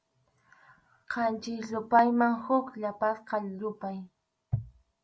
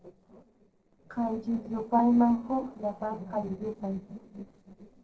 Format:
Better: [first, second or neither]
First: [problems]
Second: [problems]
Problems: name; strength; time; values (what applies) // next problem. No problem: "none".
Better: first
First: none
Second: noise reduction (neural separator model SepFormer DNS4)